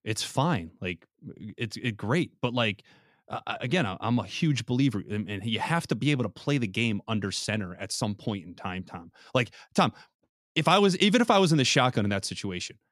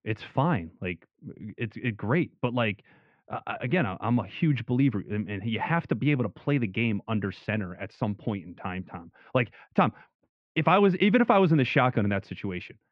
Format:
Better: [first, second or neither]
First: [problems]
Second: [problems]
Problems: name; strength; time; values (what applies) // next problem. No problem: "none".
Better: first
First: none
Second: muffled; very; fading above 2.5 kHz